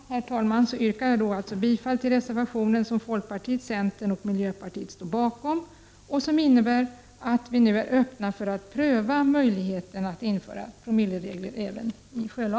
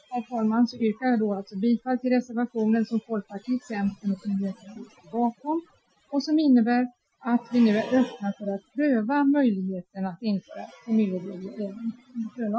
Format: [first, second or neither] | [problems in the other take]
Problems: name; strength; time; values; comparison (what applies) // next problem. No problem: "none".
first | noise reduction (classical method Wiener filter)